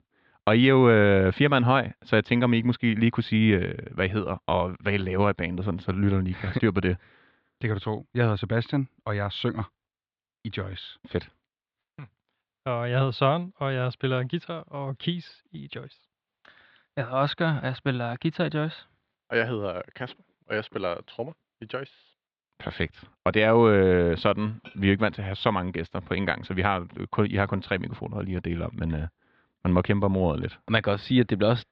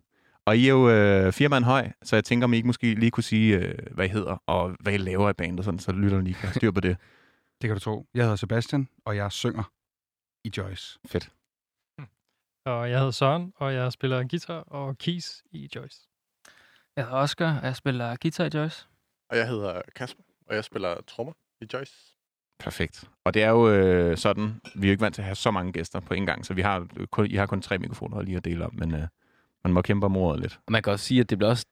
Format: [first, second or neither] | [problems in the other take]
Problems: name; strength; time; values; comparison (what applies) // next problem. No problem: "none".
second | muffled; slightly; fading above 4 kHz